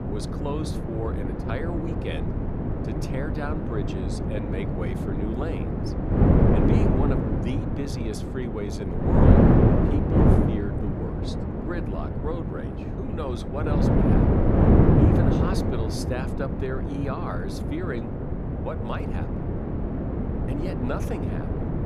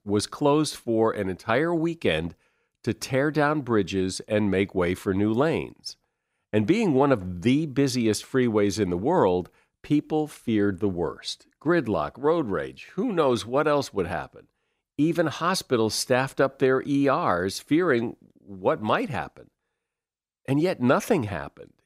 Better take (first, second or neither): second